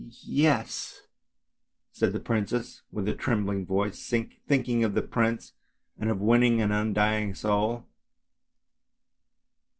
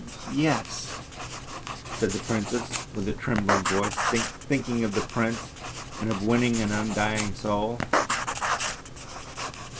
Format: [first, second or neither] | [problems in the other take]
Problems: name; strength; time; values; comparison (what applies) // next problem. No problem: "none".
first | background sound (Writing); 3 dB below the speech